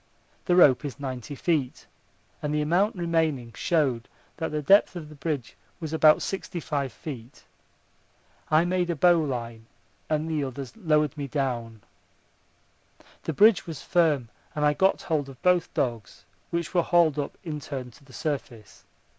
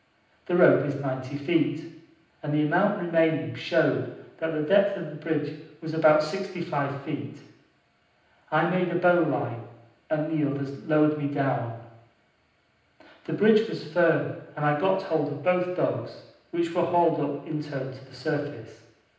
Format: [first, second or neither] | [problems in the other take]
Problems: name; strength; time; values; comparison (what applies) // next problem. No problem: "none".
first | room echo; dies away in 0.9 s